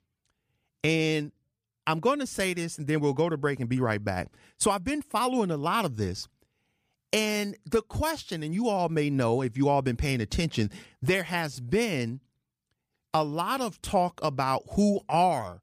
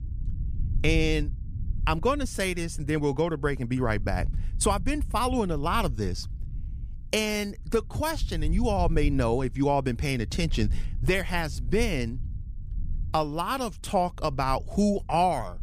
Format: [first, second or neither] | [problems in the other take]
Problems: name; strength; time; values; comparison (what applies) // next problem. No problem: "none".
first | low rumble; faint; throughout; 25 dB below the speech